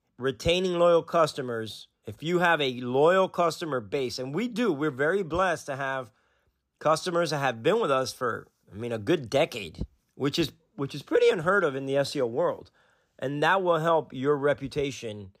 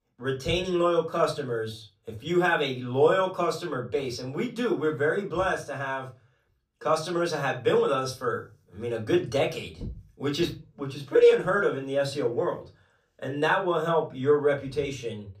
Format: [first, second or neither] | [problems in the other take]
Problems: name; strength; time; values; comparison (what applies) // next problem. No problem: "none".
first | off-mic speech; far // room echo; very slight; dies away in 0.3 s